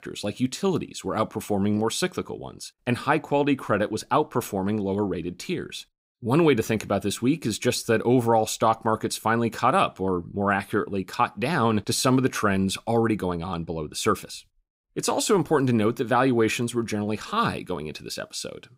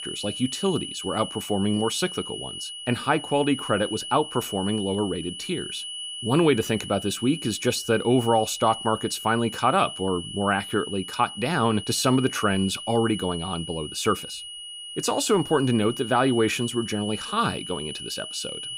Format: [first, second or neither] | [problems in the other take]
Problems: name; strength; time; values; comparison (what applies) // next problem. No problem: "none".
first | high-pitched whine; loud; throughout; 3 kHz, 9 dB below the speech